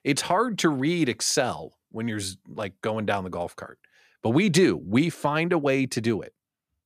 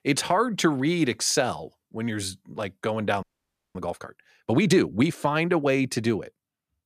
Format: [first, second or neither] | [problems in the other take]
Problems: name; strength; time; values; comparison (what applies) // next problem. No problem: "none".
first | audio freezing; at 3 s for 0.5 s